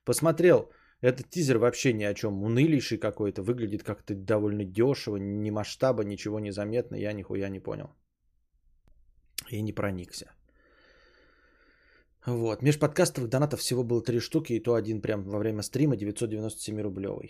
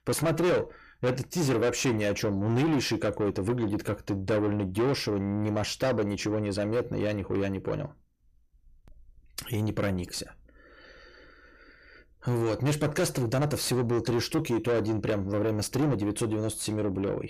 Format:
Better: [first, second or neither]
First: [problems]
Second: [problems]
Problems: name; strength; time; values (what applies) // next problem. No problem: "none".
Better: first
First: none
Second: distortion; heavy; 6 dB below the speech